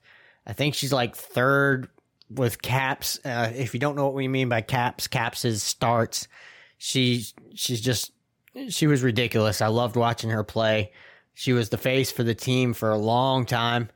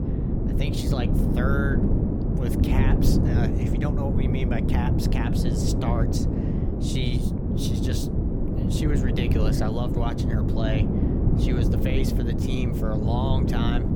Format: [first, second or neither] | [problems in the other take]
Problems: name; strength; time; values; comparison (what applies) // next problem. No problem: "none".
first | wind noise on the microphone; heavy; 1 dB above the speech